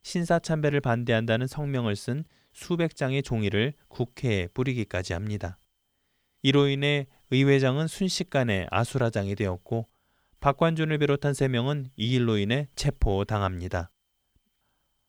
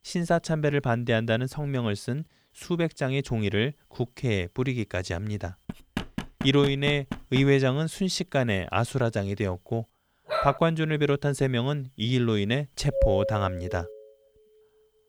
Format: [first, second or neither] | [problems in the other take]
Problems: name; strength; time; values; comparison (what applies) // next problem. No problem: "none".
first | door banging; noticeable; from 5.5 to 7.5 s; peak 8 dB below the speech // dog barking; noticeable; at 10 s; peak 3 dB below the speech // doorbell; loud; at 13 s; peak 1 dB above the speech